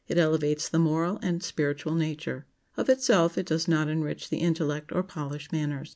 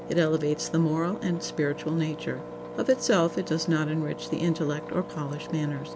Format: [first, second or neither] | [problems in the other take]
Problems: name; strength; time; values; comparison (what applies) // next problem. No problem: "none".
first | background sound (Engine); 11 dB below the speech